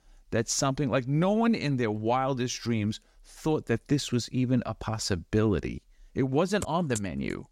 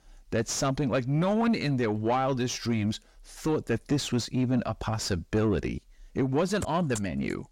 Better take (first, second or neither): first